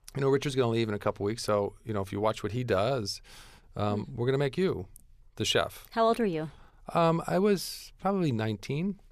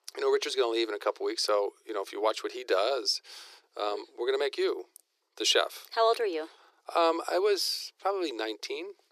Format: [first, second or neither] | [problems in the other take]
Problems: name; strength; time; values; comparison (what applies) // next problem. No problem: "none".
first | thin; very; fading below 350 Hz